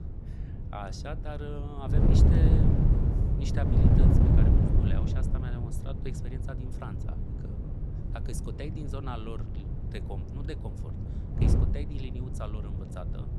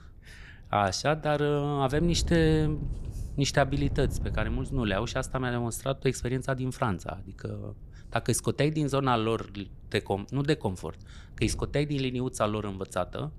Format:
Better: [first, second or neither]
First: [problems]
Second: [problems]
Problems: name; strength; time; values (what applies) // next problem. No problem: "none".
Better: second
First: wind noise on the microphone; heavy; 4 dB above the speech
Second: wind noise on the microphone; occasional gusts; 25 dB below the speech